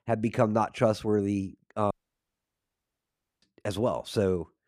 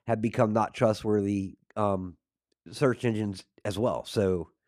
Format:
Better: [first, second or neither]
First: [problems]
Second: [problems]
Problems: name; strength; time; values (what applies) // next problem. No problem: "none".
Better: second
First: audio cutting out; at 2 s for 1.5 s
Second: none